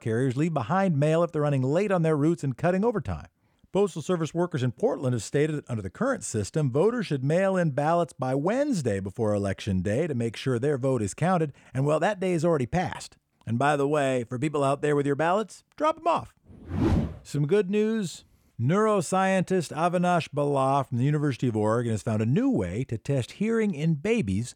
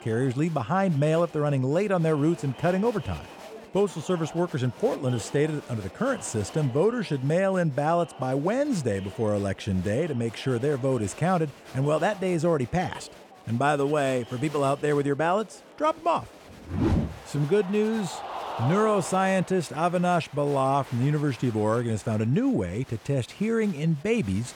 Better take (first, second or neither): first